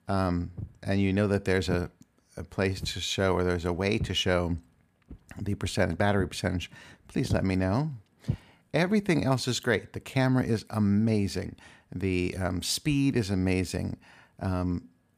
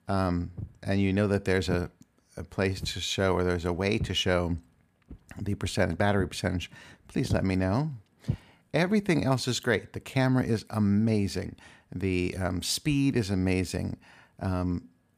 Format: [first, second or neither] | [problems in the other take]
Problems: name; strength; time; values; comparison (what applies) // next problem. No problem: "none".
neither | footsteps; noticeable; from 0.5 to 8.5 s; peak 7 dB below the speech; the same in both